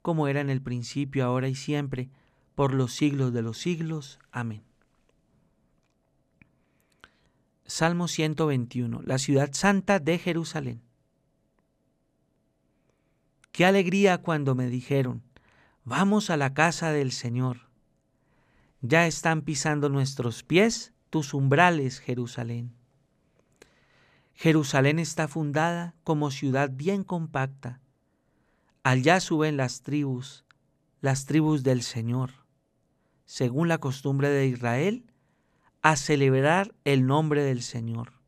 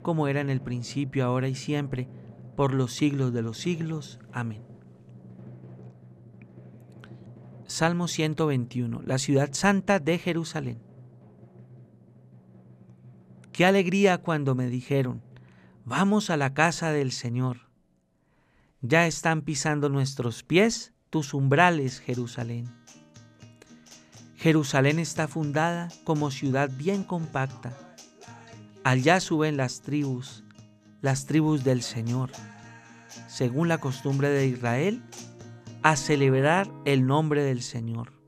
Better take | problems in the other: first | background music; faint; throughout; 20 dB below the speech

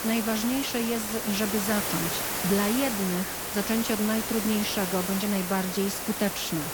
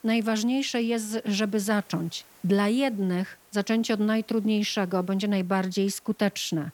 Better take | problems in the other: second | hiss; loud; throughout; 1 dB below the speech; faint in the second

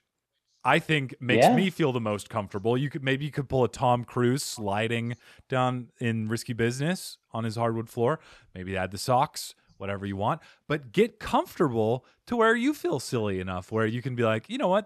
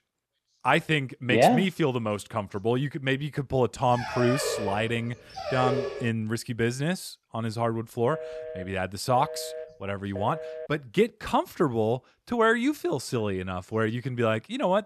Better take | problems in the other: first | dog barking; noticeable; from 4 to 6 s; peak 2 dB below the speech // phone ringing; noticeable; from 8 to 11 s; peak 10 dB below the speech

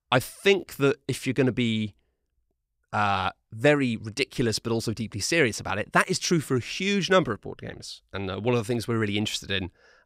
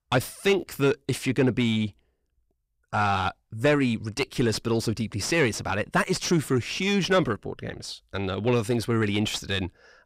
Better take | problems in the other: first | distortion; slight; 10 dB below the speech

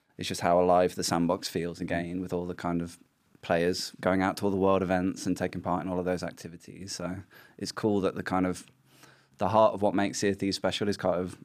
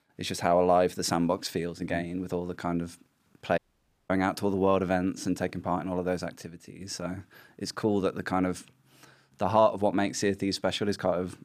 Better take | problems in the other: first | audio cutting out; at 3.5 s for 0.5 s

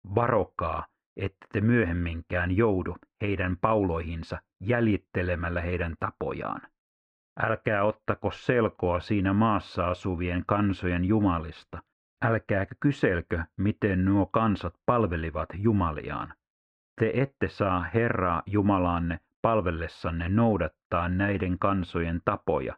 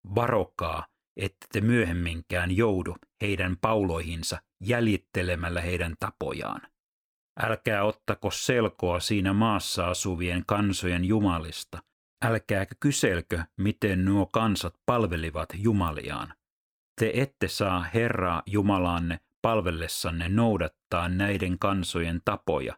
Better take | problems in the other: second | muffled; very; fading above 1.5 kHz

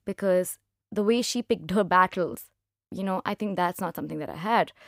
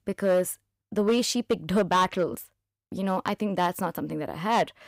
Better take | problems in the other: first | distortion; slight; 4% of the sound clipped

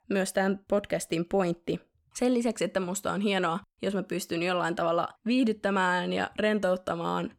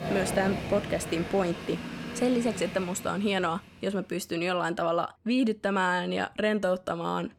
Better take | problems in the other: first | train or aircraft noise; loud; throughout; 8 dB below the speech

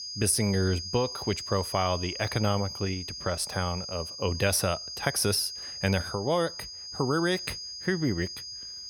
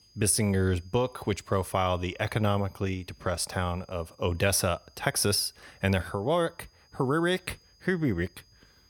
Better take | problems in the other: second | high-pitched whine; loud; throughout; 5 kHz, 7 dB below the speech; faint in the second

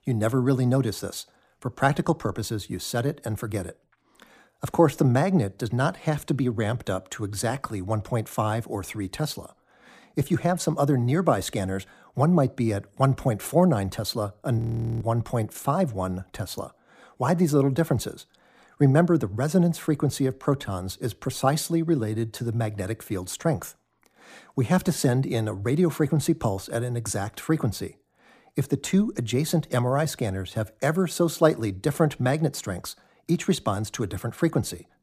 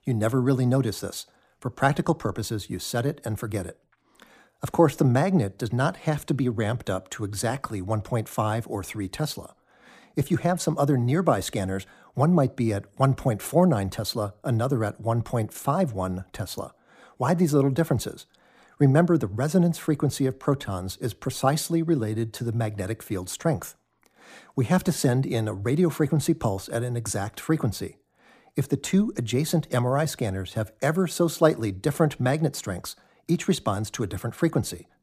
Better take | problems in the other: second | audio freezing; at 15 s

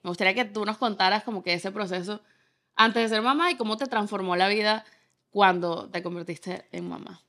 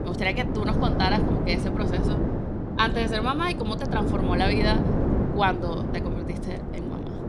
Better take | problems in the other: first | wind noise on the microphone; heavy; 5 dB below the speech

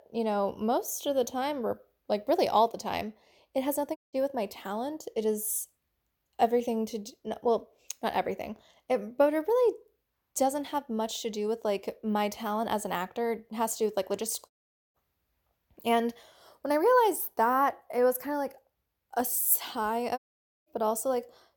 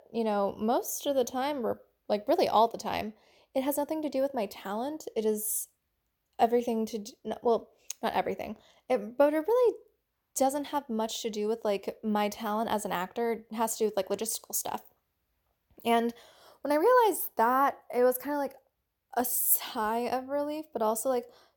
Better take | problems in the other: second | audio cutting out; at 4 s, at 15 s and at 20 s

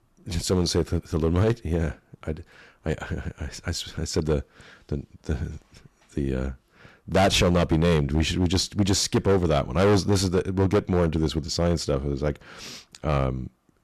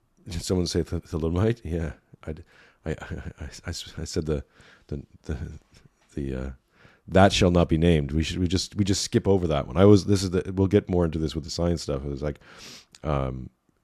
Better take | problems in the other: second | distortion; heavy; 7% of the sound clipped

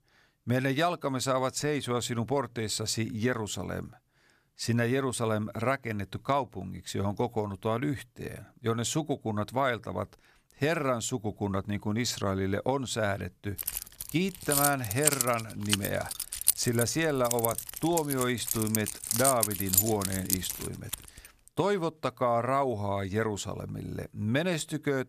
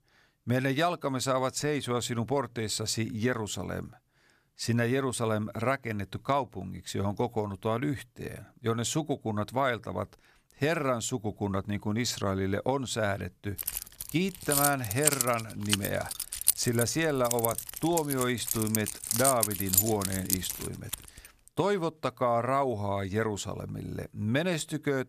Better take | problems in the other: neither | jangling keys; loud; from 14 to 21 s; peak 6 dB above the speech; the same in both

